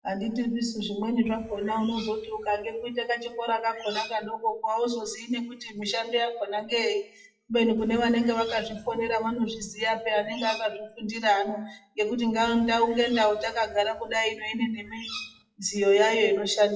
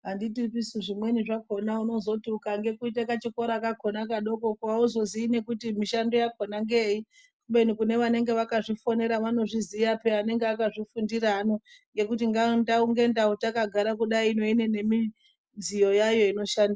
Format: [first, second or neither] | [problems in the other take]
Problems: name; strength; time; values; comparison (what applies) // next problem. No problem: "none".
second | noise reduction (classical method WPE with log-MMSE)